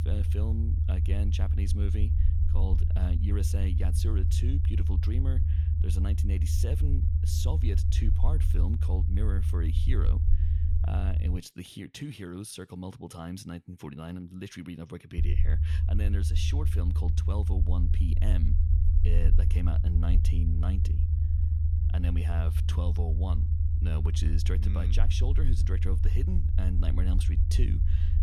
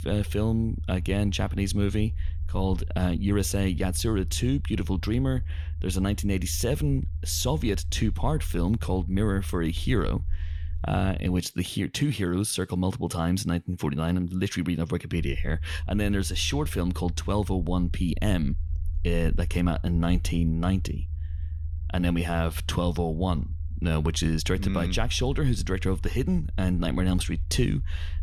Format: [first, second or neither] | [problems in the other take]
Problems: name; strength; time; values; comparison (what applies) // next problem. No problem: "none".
second | low rumble; loud; until 11 s and from 15 s on; 2 dB below the speech; faint in the second